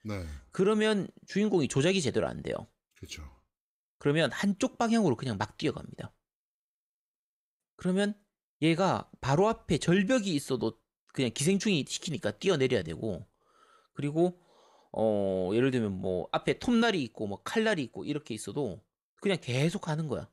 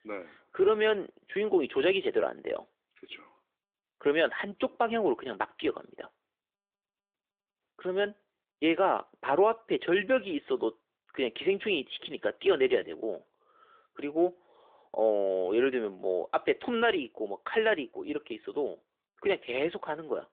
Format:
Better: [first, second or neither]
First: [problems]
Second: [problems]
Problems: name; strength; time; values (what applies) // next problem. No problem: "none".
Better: first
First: none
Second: phone-call audio